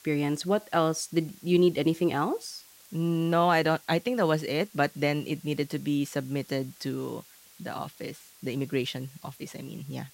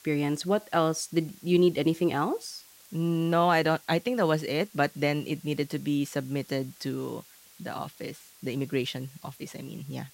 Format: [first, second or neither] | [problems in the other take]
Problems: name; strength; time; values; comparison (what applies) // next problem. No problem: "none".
neither | hiss; faint; throughout; 25 dB below the speech; the same in both